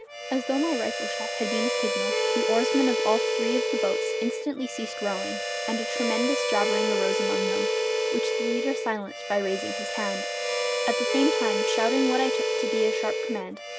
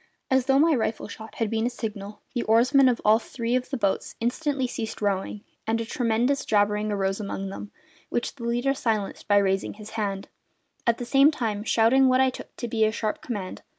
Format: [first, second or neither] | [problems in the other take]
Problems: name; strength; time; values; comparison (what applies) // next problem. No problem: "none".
second | background sound (Harmonica); 3 dB above the speech